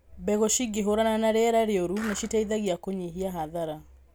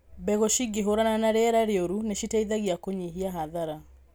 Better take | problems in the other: second | background sound (Skateboard); 14 dB below the speech

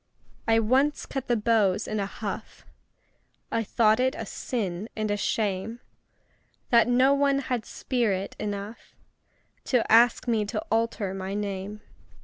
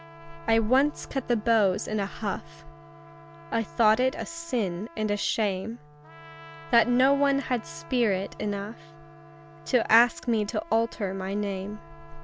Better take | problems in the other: first | background sound (Trumpet + Wind instrument, woodwind instrument); 20 dB below the speech

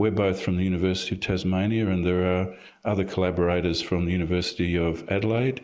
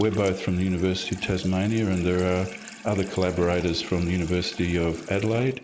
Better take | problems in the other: first | background sound (Sink (filling or washing) / Water tap, faucet); 17 dB below the speech

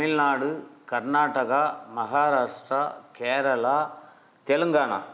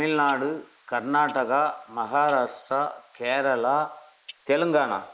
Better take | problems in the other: first | noise reduction (neural mask model Resemble Enhance denoiser)

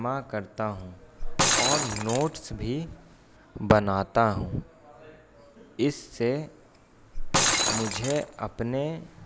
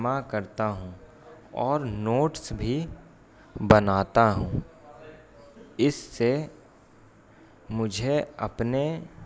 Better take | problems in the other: second | background sound (Shatter); 2 dB below the speech

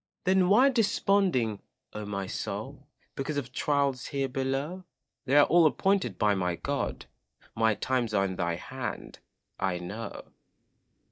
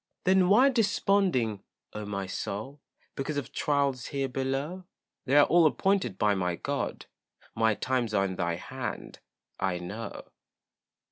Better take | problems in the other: second | noise reduction (neural mask model DeepFilterNet 3)

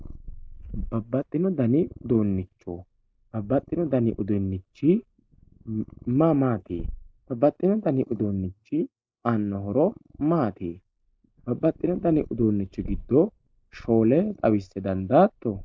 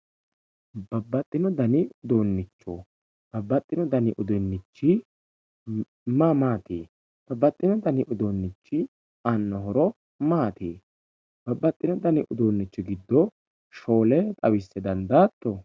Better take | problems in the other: second | noise reduction (neural mask model Resemble Enhance denoiser)

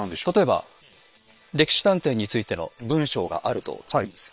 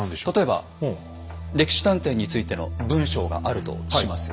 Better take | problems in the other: second | noise reduction (neural separator model SepFormer WHAM!)

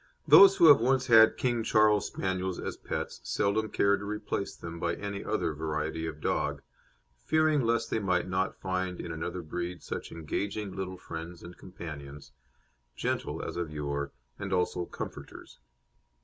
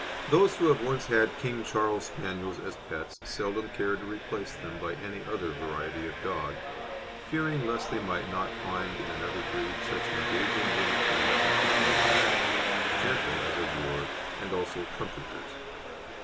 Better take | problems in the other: first | background sound (Engine); 1 dB above the speech

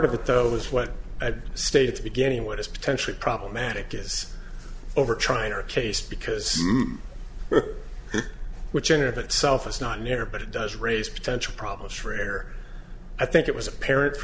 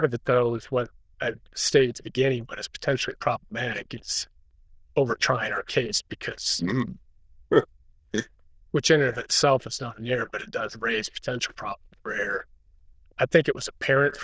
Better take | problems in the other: first | noise reduction (neural diffusion model UNIVERSE++)

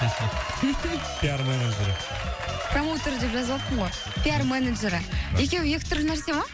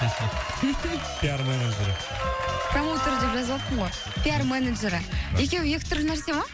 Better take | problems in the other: first | background sound (Wind instrument, woodwind instrument); 5 dB below the speech

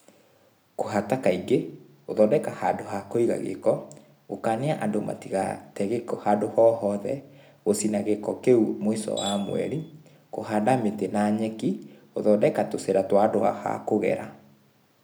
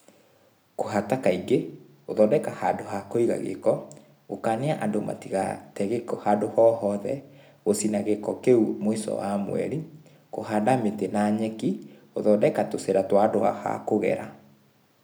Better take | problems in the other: second | background sound (Tools); 13 dB below the speech

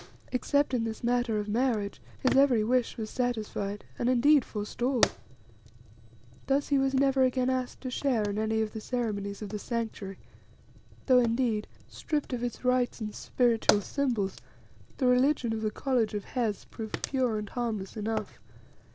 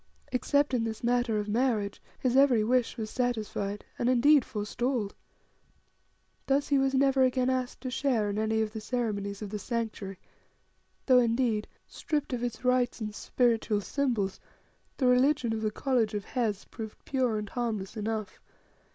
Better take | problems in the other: second | background sound (Fire); 13 dB below the speech

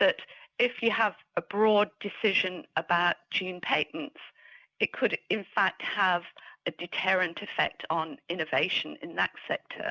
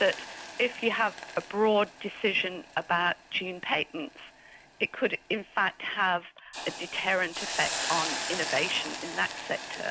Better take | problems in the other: first | background sound (Hiss); 9 dB below the speech

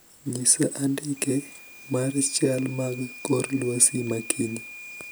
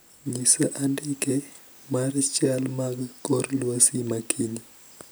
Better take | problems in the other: second | background sound (Microwave oven / Alarm); 18 dB below the speech

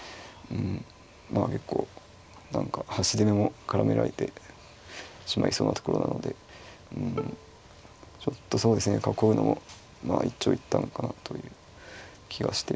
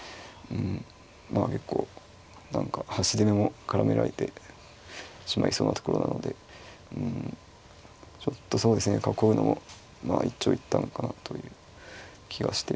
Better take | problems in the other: second | background sound (Bowed string instrument); 14 dB below the speech

